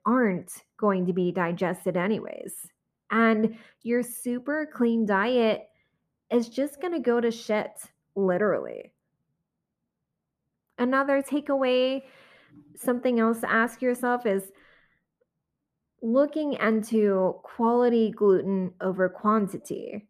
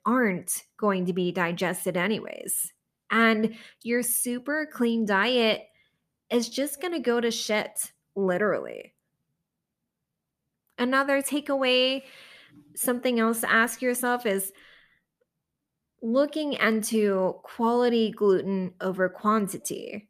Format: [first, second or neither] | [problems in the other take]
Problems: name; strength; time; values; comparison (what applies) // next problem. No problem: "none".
second | muffled; slightly; fading above 2 kHz